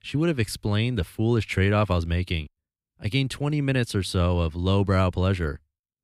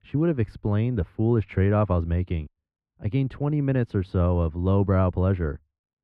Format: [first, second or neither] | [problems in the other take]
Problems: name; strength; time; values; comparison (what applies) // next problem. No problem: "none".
first | muffled; very; fading above 3 kHz